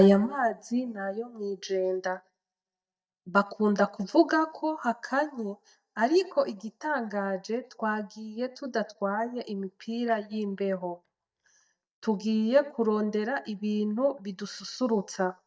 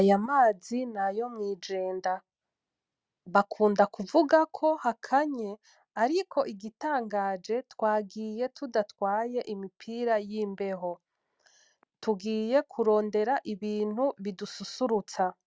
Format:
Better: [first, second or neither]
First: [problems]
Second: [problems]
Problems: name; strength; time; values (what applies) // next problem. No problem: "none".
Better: second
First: noise reduction (neural mask model DeepFilterNet 3)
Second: none